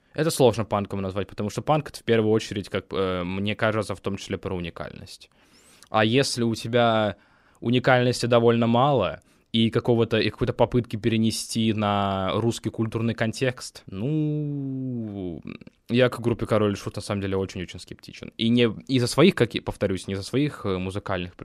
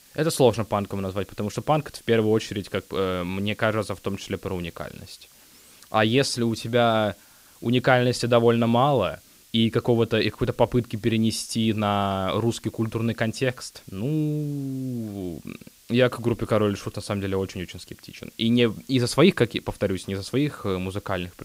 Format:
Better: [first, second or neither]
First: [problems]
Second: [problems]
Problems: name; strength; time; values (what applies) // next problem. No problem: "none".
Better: first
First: none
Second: hiss; faint; throughout; 25 dB below the speech